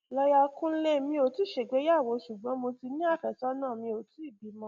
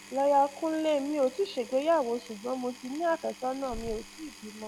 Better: first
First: none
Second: background sound (Growling + Power tool); 18 dB below the speech

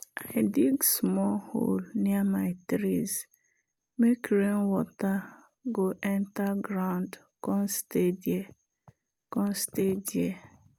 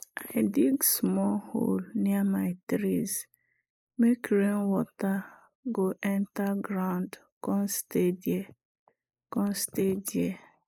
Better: first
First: none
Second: noise reduction (neural mask model Resemble Enhance denoiser)

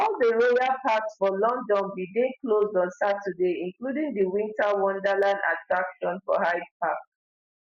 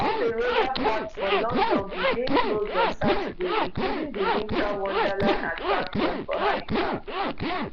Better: first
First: none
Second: background sound (Zipper (clothing)); 4 dB above the speech

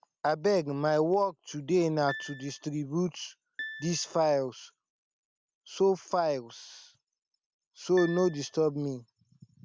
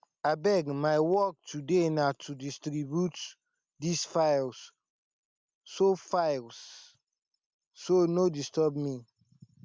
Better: second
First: background sound (Piano); 14 dB below the speech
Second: none

